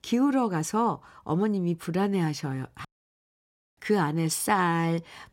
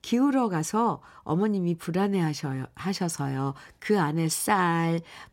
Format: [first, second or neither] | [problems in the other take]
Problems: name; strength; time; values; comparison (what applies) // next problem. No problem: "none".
second | audio cutting out; at 3 s for 1 s